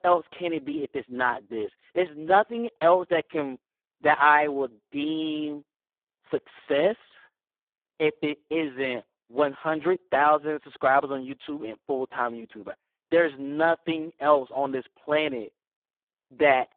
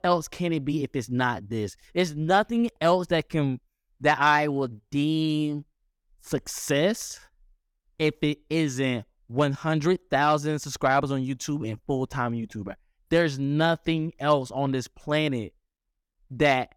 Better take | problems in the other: second | phone-call audio; poor line

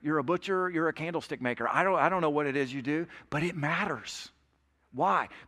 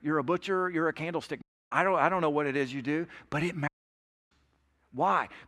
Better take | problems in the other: first | audio cutting out; at 1.5 s and at 3.5 s for 0.5 s

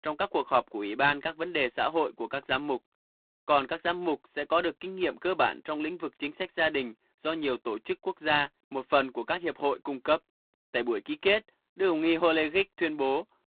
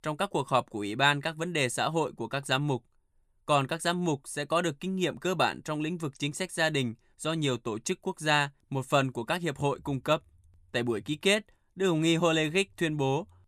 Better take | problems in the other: second | phone-call audio; poor line; nothing above 4 kHz

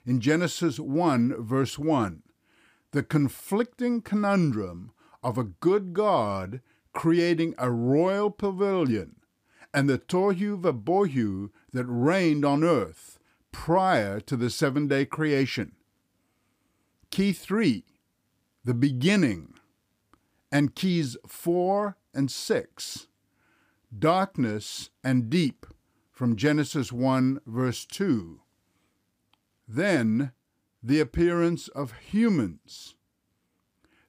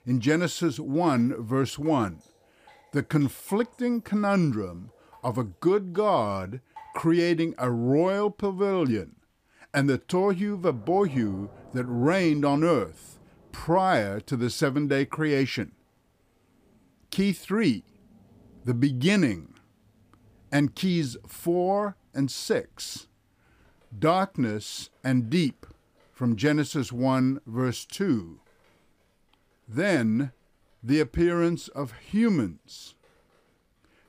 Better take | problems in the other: first | rain or running water; faint; throughout; 30 dB below the speech

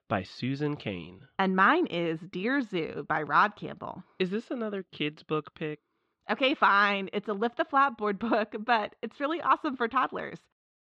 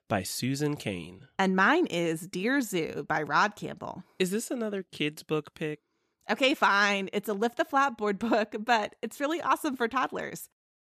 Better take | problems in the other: second | muffled; slightly; fading above 3.5 kHz

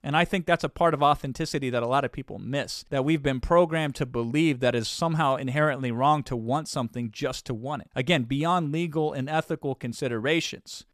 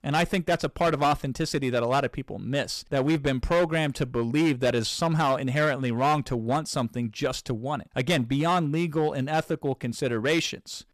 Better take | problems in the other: first | distortion; slight; 7% of the sound clipped

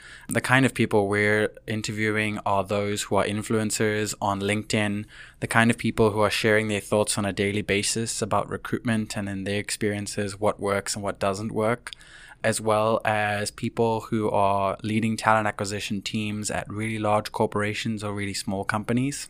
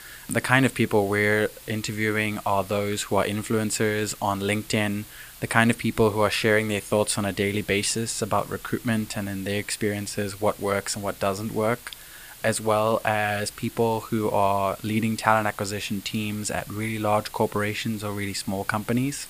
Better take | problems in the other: first | hiss; noticeable; throughout; 20 dB below the speech

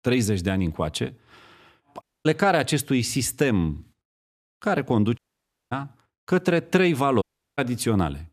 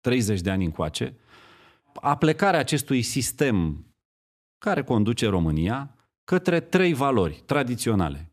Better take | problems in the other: second | audio cutting out; at 2 s, at 5 s for 0.5 s and at 7 s

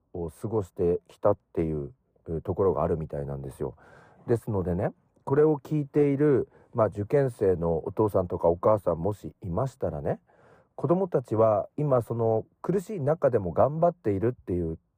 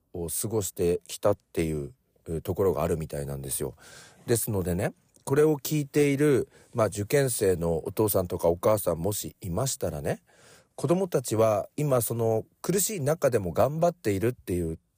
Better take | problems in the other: second | muffled; very; fading above 2.5 kHz

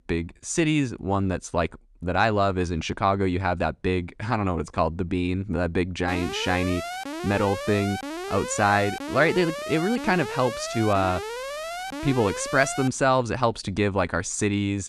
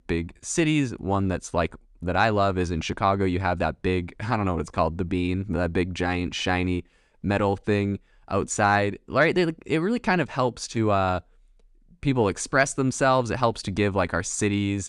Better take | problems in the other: second | alarm; noticeable; from 6 to 13 s; peak 7 dB below the speech

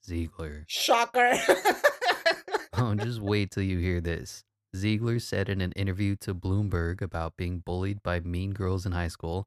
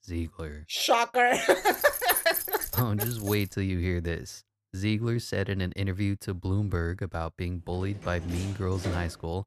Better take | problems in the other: first | jangling keys; loud; from 1.5 to 3.5 s; peak 1 dB above the speech // door banging; noticeable; from 7.5 s on; peak 9 dB below the speech

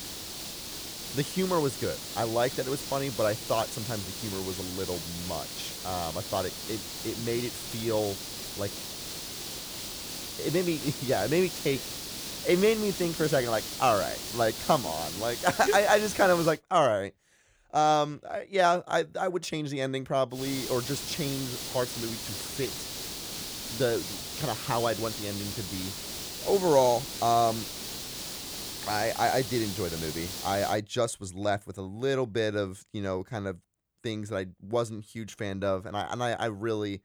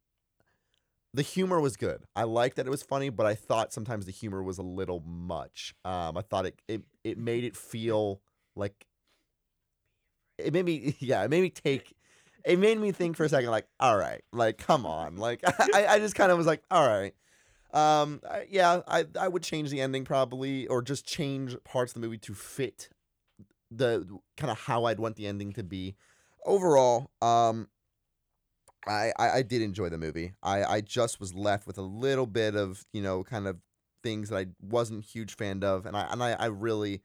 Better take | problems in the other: second | hiss; loud; until 17 s and from 20 to 31 s; 6 dB below the speech

